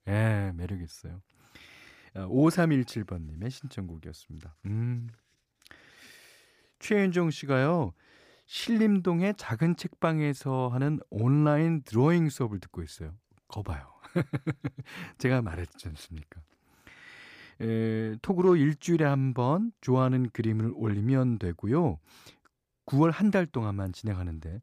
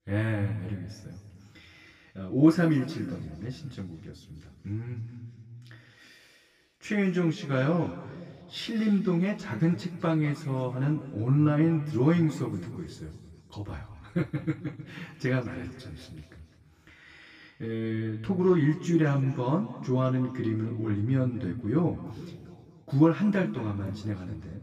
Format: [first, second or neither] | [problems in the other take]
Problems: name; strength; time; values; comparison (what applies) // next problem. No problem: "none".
first | room echo; slight; dies away in 2 s // off-mic speech; far